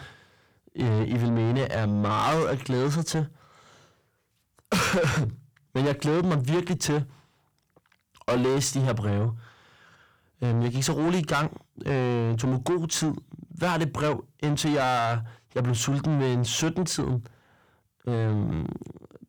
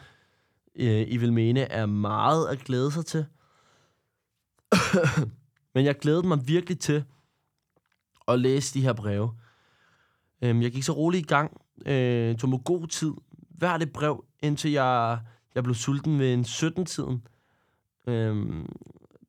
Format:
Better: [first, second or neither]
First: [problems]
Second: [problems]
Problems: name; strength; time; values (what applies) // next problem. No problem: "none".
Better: second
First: distortion; heavy; 7 dB below the speech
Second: none